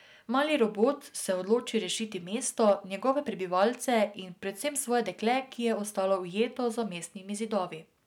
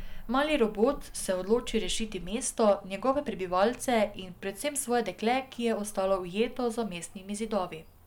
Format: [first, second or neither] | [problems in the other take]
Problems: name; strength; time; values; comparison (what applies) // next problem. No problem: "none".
first | background sound (Cricket / Motor vehicle (road)); 14 dB below the speech